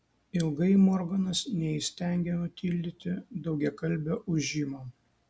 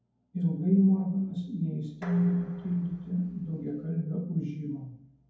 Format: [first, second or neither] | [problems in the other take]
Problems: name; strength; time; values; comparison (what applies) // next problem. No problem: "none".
first | background sound (Dishes, pots, and pans); 19 dB below the speech // room echo; dies away in 0.9 s